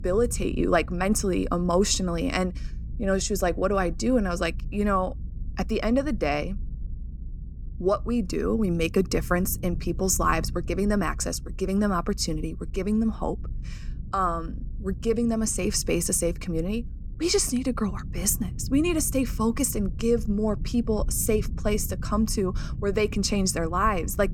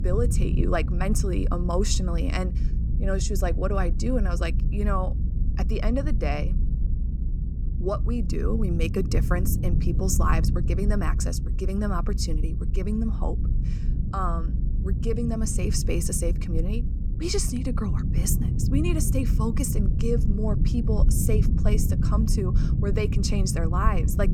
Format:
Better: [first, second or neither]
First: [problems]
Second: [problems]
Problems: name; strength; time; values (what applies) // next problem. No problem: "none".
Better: first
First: low rumble; faint; throughout; 25 dB below the speech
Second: low rumble; loud; throughout; 9 dB below the speech